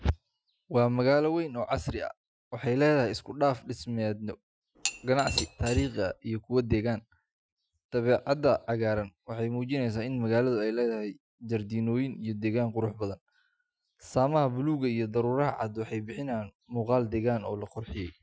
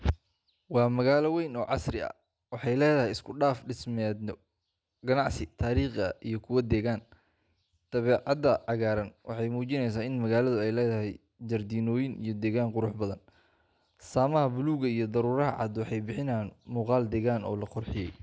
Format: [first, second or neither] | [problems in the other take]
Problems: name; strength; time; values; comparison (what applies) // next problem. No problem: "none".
second | noise reduction (classical method Wiener filter)